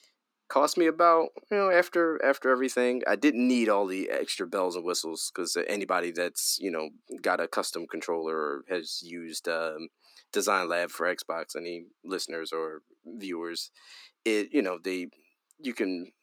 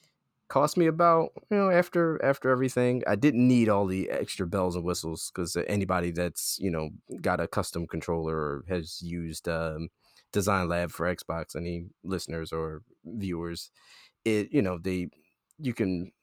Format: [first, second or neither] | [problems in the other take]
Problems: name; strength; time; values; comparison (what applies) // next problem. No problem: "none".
second | thin; very slightly; fading below 250 Hz